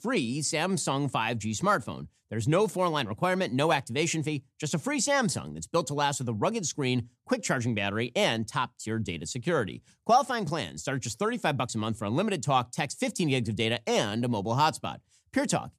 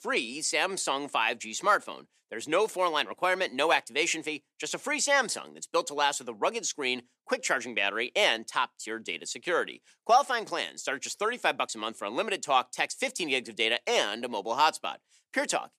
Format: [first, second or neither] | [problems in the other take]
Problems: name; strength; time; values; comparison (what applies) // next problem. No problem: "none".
first | thin; somewhat; fading below 350 Hz